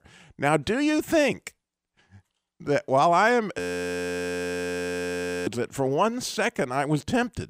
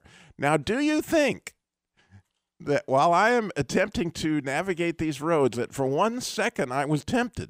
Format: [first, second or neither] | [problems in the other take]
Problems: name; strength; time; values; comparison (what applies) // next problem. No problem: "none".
second | audio freezing; at 3.5 s for 2 s